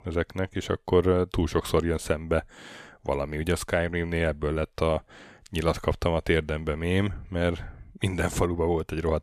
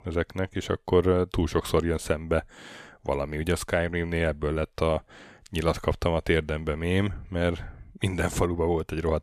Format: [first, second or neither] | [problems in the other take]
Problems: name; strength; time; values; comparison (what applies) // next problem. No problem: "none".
neither | none